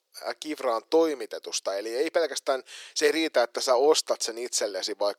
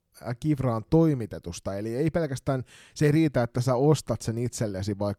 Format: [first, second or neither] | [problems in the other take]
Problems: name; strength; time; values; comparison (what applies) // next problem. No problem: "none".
second | thin; very; fading below 400 Hz